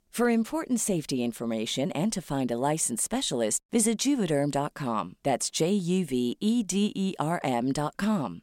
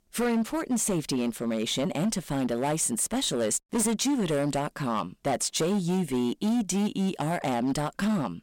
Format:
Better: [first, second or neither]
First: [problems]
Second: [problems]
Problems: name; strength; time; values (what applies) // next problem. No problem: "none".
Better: first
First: none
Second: distortion; slight; 15% of the sound clipped